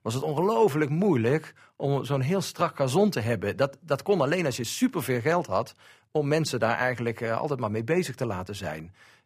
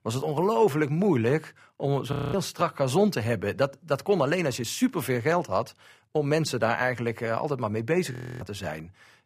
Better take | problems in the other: first | audio freezing; at 2 s and at 8 s

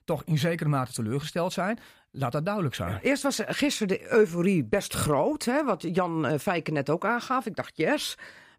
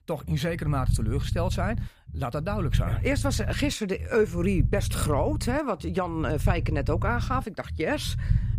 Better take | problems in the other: first | low rumble; noticeable; throughout; 15 dB below the speech

